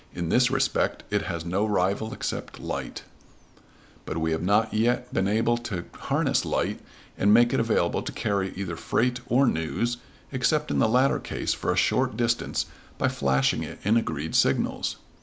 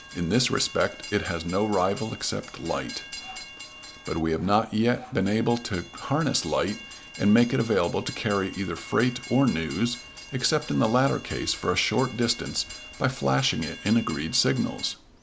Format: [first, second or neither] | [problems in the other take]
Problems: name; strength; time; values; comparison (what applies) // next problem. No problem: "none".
first | background sound (Sawing + Train); 16 dB below the speech